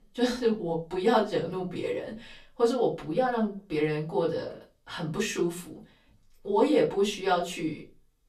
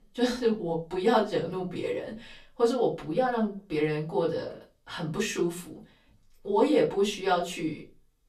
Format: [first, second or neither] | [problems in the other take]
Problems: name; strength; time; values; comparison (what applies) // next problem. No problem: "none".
neither | off-mic speech; far; the same in both // room echo; very slight; dies away in 0.2 s; the same in both